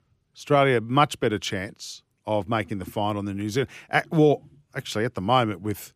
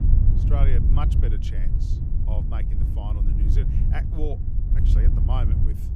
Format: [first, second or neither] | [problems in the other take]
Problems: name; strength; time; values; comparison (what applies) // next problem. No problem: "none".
first | low rumble; loud; throughout; 1 dB below the speech